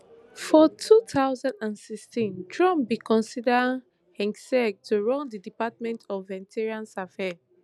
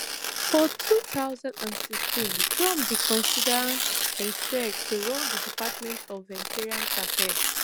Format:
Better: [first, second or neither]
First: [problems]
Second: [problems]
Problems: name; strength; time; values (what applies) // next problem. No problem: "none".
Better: first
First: none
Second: background sound (Tearing); 2 dB above the speech